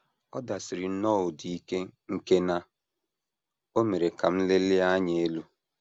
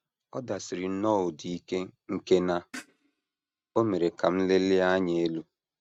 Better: first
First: none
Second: noise reduction (neural mask model RNNoise)

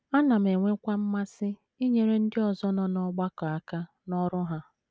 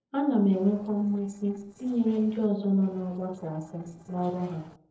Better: first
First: none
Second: noise reduction (neural separator model SepFormer DNS4)

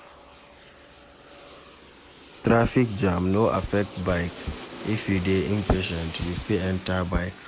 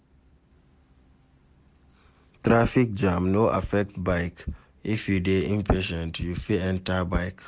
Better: second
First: background sound (Aircraft); 16 dB below the speech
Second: none

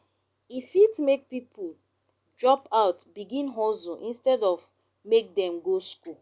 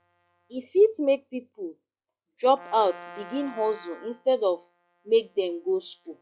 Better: first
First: none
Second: noise reduction (classical method log-MMSE)

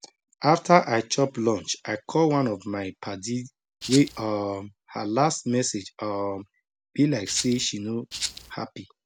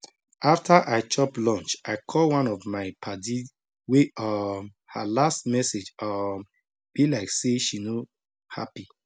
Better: second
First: background sound (Rattle (instrument)); 8 dB below the speech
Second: none

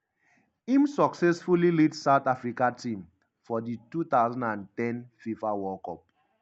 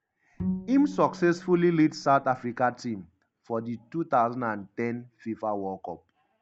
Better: first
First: none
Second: background sound (Bowed string instrument); 10 dB below the speech

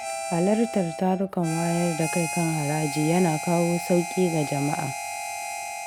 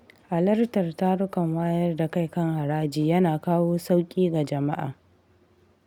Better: second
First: background sound (Harmonica); 7 dB below the speech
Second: none

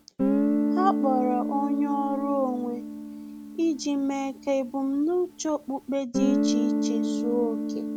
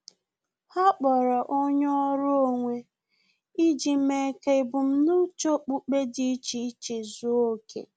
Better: second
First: background sound (Guitar); as loud as the speech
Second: none

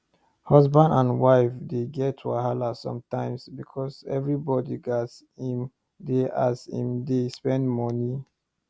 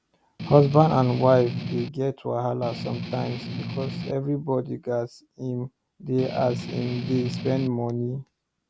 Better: first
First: none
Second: background sound (Strum); 7 dB below the speech

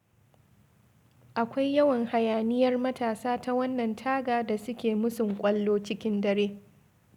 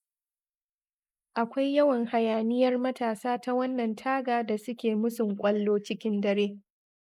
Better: first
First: none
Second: noise reduction (neural mask model Resemble Enhance denoiser)

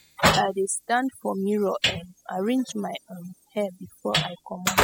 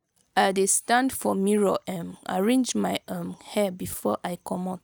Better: second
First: noise reduction (classical method spectral subtraction)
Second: none

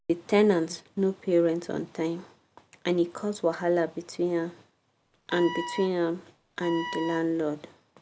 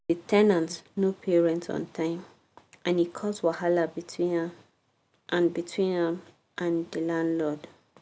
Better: second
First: background sound (Wind instrument, woodwind instrument); 11 dB below the speech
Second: none

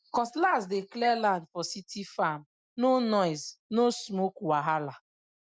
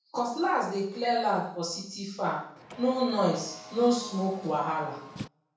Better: first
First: none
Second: background sound (Car); 16 dB below the speech // room echo; dies away in 0.6 s

